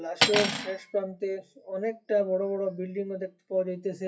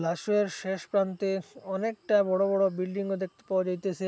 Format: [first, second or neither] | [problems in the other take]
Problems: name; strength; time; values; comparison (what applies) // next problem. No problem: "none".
second | noise reduction (classical method WPE with log-MMSE)